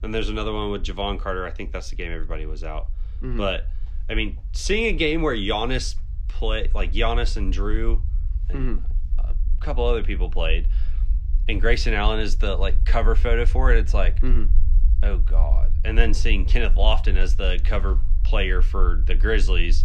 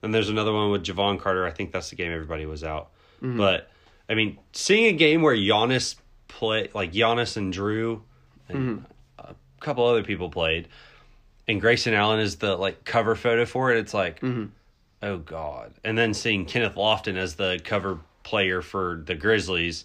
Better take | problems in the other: second | low rumble; faint; throughout; 20 dB below the speech

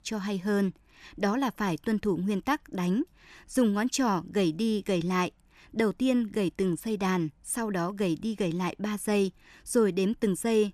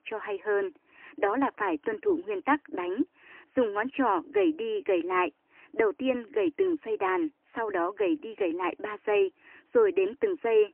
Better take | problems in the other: first | phone-call audio; poor line; nothing above 3 kHz

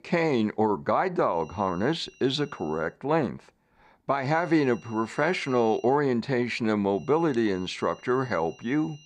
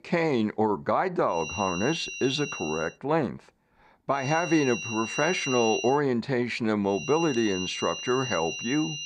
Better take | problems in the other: first | high-pitched whine; loud; from 1.5 to 3 s, from 4 to 6 s and from 7 s on; 3 kHz, 6 dB below the speech; faint in the first

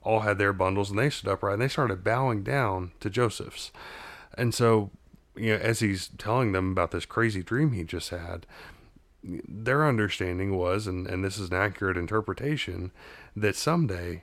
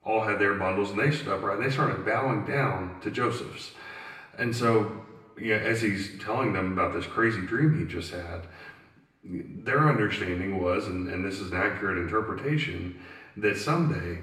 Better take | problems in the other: first | room echo; slight; dies away in 0.9 s // off-mic speech; far

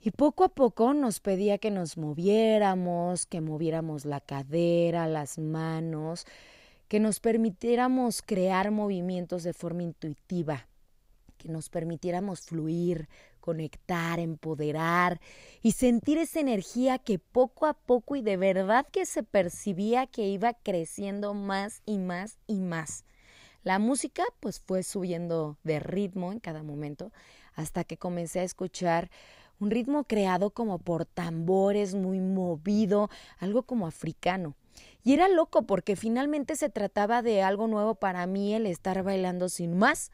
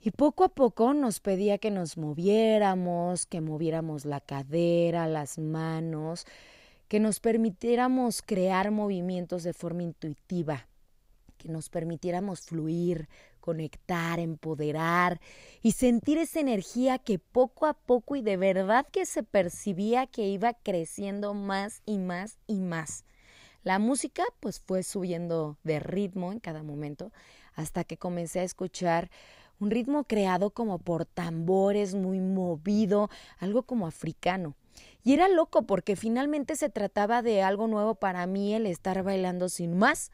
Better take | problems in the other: neither | none

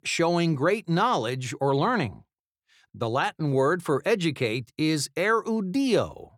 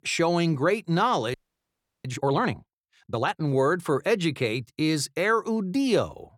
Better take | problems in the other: first | audio freezing; at 1.5 s for 0.5 s

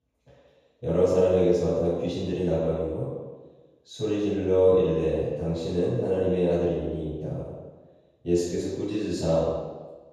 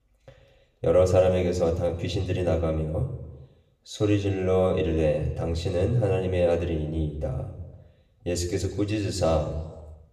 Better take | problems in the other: second | room echo; strong; dies away in 1.2 s; slight in the second // off-mic speech; far; somewhat distant in the second

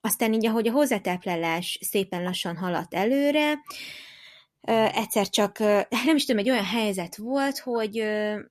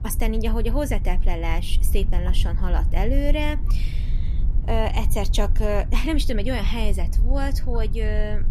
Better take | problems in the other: first | low rumble; noticeable; throughout; 15 dB below the speech

